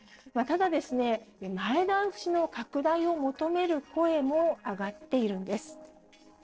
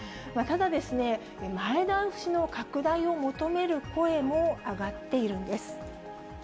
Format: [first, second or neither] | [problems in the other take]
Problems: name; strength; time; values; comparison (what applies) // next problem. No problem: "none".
second | noise reduction (neural separator model SepFormer DNS4)